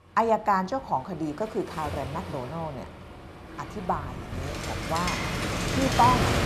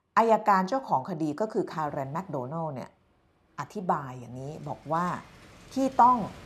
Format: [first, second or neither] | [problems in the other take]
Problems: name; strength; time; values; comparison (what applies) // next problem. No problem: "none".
second | rain or running water; loud; throughout; 3 dB below the speech; faint in the second